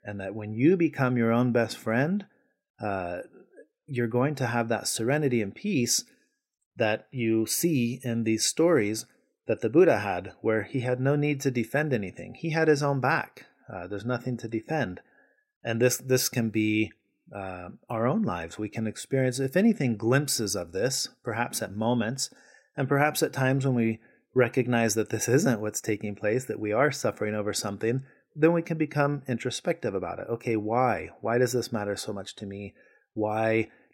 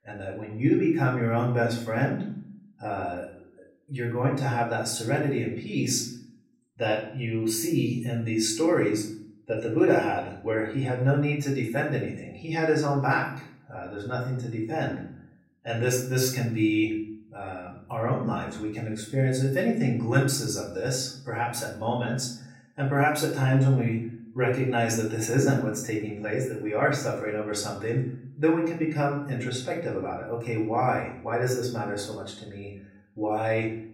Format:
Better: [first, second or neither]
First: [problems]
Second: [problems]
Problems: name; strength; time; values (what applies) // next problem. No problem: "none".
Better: first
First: none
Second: room echo; noticeable; dies away in 0.5 s // off-mic speech; far